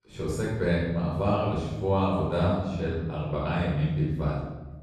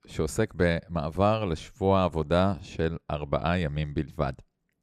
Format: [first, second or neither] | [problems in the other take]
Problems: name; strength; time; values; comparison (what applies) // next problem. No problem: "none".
second | off-mic speech; far // room echo; strong; dies away in 1.2 s